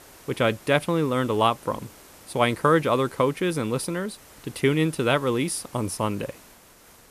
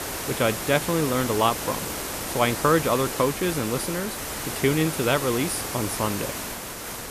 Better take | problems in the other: first | hiss; loud; throughout; 5 dB below the speech; faint in the first

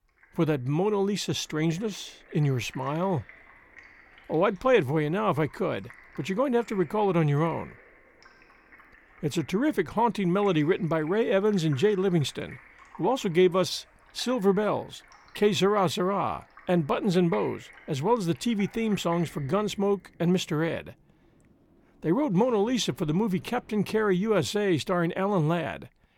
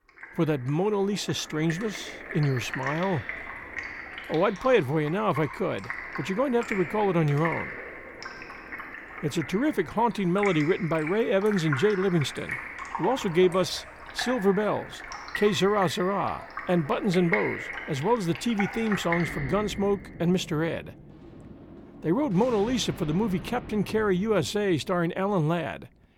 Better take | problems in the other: first | rain or running water; loud; throughout; 10 dB below the speech; faint in the first

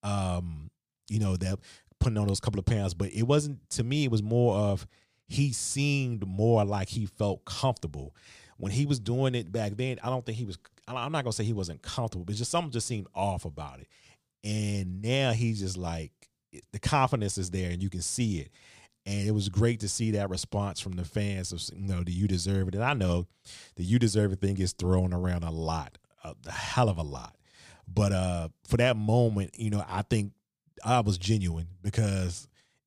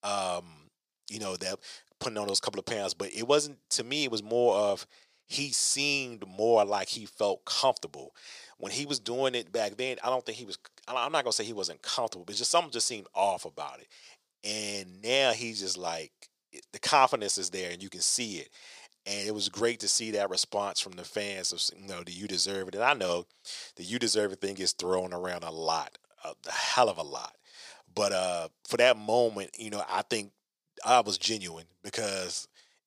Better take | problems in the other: first | thin; very; fading below 500 Hz

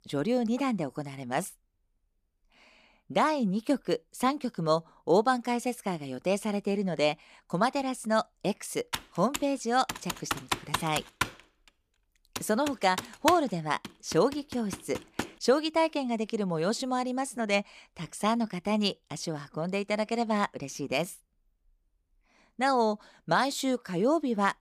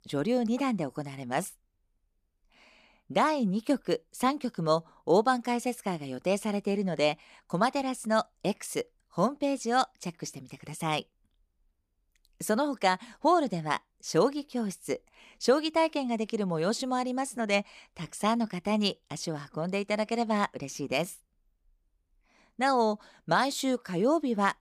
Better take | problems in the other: second | keyboard typing; noticeable; from 9 to 15 s; peak 2 dB below the speech

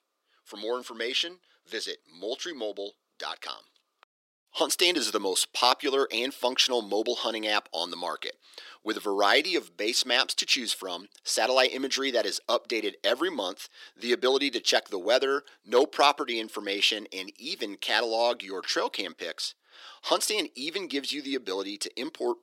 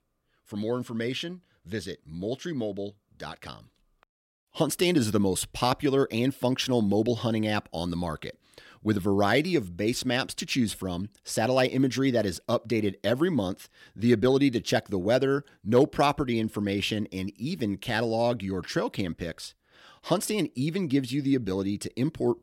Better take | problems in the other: second | thin; somewhat; fading below 350 Hz

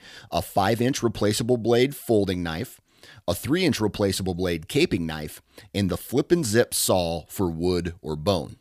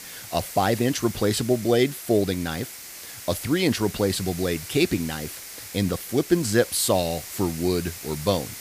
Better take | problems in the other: first | hiss; noticeable; throughout; 10 dB below the speech

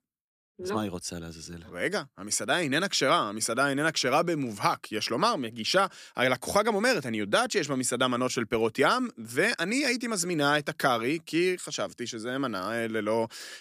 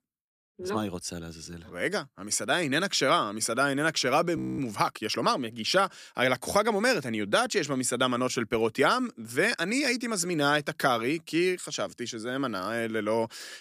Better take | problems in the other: first | audio freezing; at 4.5 s

